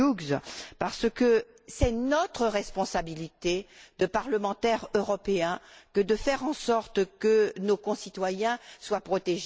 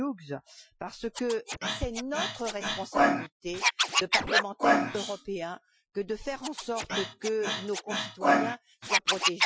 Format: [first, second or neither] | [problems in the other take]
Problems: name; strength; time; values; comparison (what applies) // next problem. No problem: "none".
first | noise reduction (classical method Wiener filter)